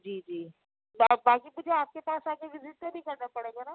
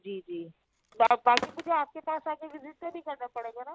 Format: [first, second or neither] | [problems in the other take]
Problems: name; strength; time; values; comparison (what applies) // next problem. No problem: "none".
first | background sound (Skateboard); 12 dB below the speech